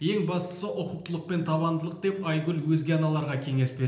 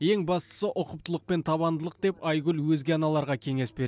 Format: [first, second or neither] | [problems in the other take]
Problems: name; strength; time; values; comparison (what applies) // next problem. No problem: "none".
second | room echo; dies away in 0.8 s